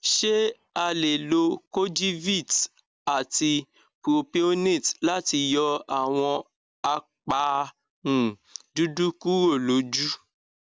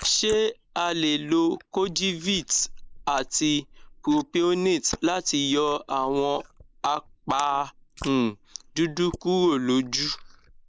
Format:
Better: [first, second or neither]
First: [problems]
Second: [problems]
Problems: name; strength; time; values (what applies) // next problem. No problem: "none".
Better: first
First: none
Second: noise reduction (neural mask model Resemble Enhance denoiser)